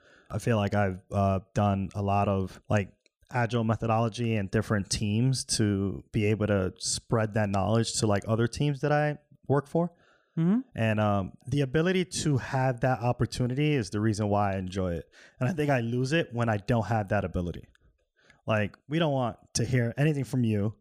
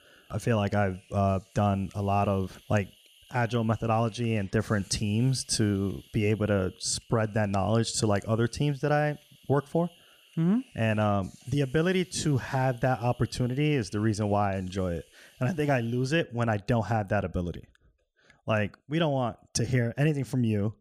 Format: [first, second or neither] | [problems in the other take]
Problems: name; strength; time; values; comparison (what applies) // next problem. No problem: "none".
first | hiss; faint; until 16 s; 25 dB below the speech